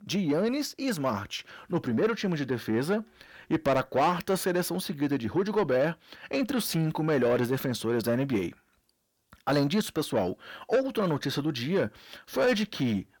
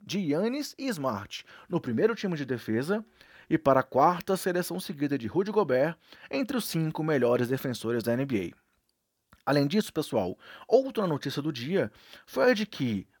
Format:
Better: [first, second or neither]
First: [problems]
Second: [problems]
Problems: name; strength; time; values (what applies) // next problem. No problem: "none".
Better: second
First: distortion; slight; 10 dB below the speech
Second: none